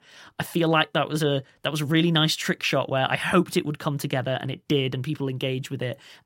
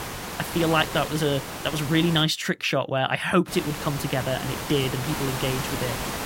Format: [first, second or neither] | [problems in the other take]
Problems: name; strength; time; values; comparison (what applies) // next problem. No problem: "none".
first | hiss; loud; until 2 s and from 3.5 s on; 6 dB below the speech